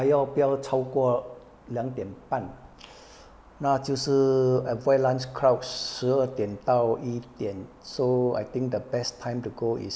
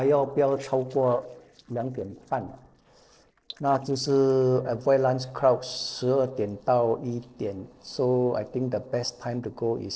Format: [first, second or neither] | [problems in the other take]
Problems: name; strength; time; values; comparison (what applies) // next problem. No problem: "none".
first | noise reduction (neural separator model SepFormer DNS4)